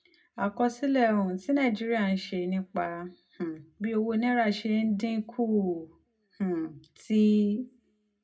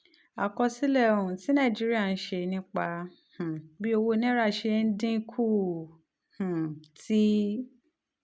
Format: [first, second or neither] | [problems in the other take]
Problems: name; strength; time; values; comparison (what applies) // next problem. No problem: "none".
second | room echo; dies away in 0.2 s